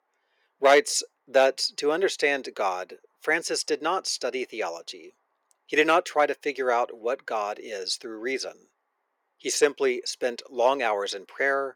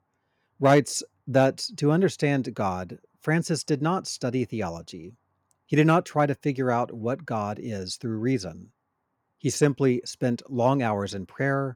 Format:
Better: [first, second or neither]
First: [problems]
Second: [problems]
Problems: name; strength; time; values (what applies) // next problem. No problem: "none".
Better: second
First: thin; very; fading below 400 Hz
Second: none